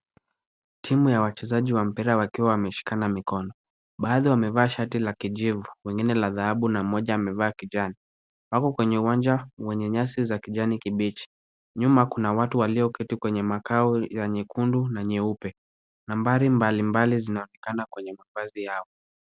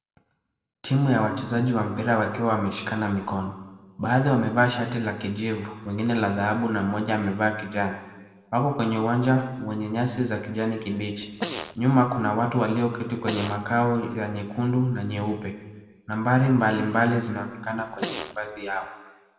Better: first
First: none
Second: background sound (Fart); 11 dB below the speech // room echo; dies away in 1.2 s

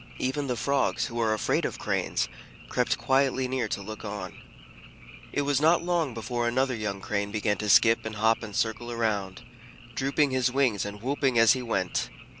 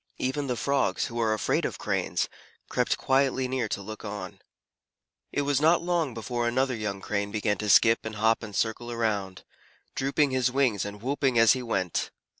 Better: second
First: background sound (Frog); 19 dB below the speech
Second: none

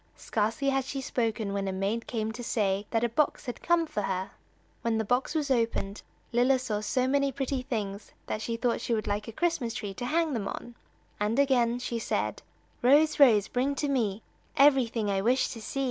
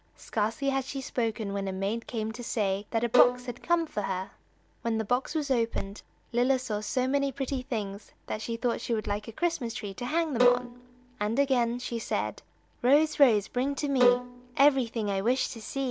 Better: first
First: none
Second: background sound (Bowed string instrument); 2 dB below the speech

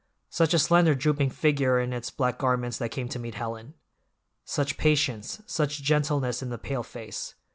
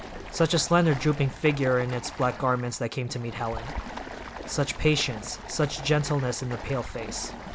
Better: first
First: none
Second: background sound (Stream); 11 dB below the speech

